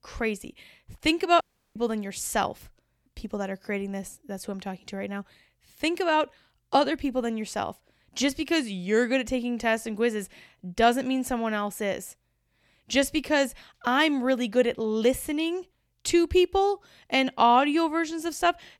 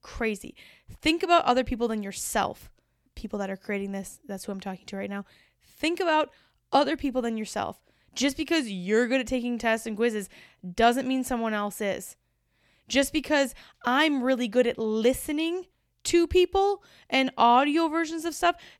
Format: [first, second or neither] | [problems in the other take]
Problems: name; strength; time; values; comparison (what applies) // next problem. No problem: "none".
second | audio cutting out; at 1.5 s